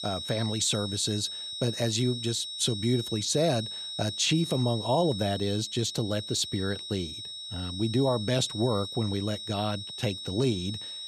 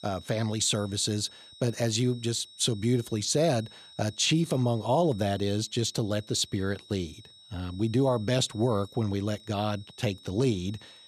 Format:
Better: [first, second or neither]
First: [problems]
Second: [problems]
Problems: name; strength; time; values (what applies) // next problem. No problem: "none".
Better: second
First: high-pitched whine; loud; throughout; 4 kHz, 7 dB below the speech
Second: high-pitched whine; faint; throughout; 4 kHz, 20 dB below the speech